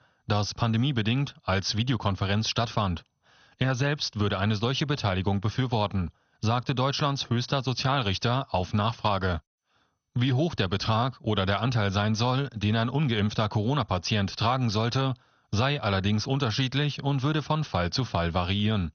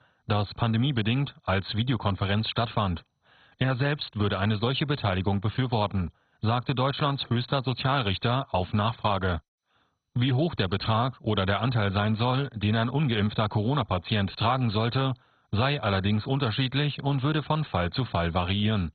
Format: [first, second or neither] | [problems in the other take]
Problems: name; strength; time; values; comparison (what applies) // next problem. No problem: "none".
first | garbled, watery; badly; nothing above 4 kHz; slightly in the first